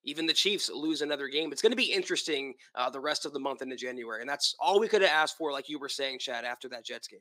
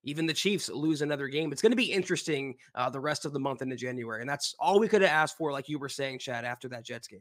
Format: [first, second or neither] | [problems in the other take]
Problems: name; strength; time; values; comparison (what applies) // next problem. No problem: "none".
second | thin; very slightly; fading below 300 Hz